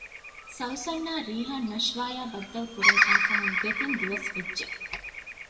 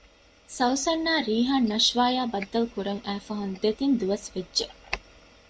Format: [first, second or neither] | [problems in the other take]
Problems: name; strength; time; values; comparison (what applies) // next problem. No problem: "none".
second | background sound (Bird vocalization, bird call, bird song); 5 dB above the speech // room echo; dies away in 0.8 s